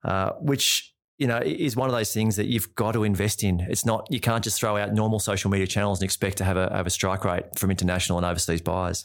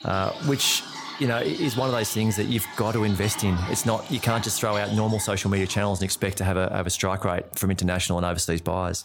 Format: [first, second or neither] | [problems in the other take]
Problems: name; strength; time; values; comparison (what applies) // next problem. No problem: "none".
first | animal sounds; noticeable; throughout; 10 dB below the speech